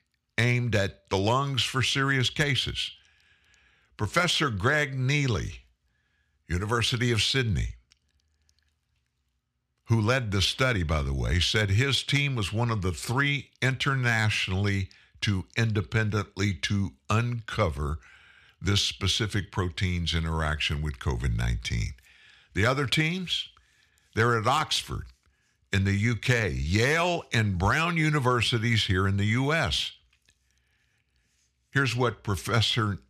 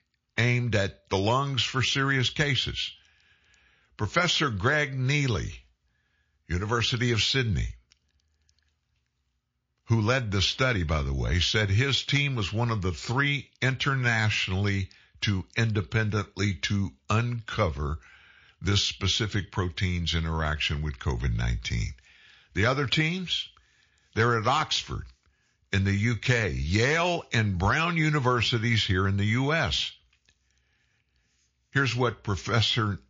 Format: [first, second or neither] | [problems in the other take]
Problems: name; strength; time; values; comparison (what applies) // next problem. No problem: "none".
first | garbled, watery; slightly; nothing above 6 kHz